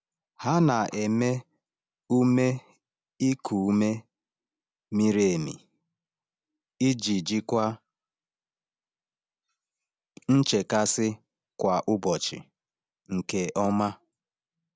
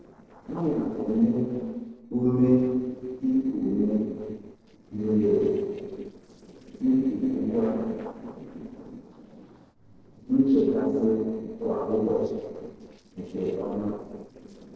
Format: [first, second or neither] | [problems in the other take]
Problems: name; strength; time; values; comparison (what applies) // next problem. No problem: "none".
first | noise reduction (neural separator model SepFormer DNS4)